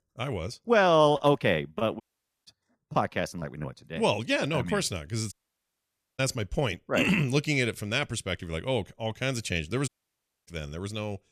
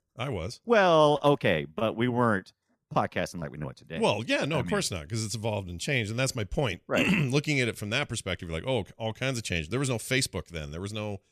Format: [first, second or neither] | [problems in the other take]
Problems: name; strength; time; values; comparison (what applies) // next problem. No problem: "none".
second | audio cutting out; at 2 s, at 5.5 s for 1 s and at 10 s for 0.5 s